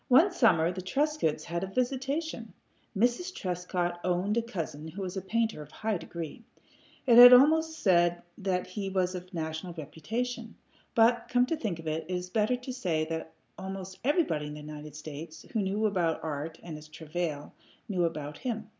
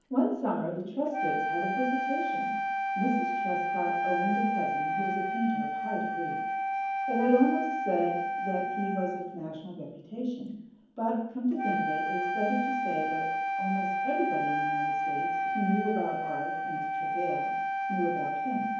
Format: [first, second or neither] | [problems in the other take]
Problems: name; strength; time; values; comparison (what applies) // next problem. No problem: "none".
first | background sound (Wind instrument, woodwind instrument); 1 dB above the speech // room echo; dies away in 1.2 s